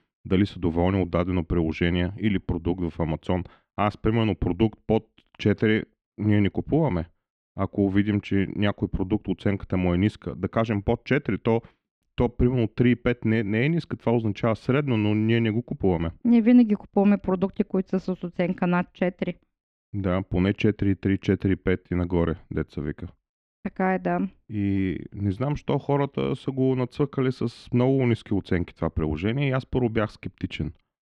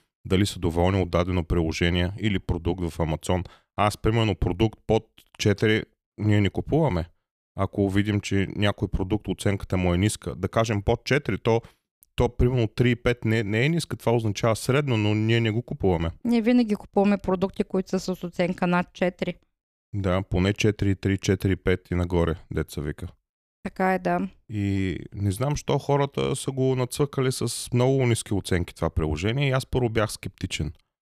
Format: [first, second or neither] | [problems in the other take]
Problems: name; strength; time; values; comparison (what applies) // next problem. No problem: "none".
second | muffled; slightly; fading above 2.5 kHz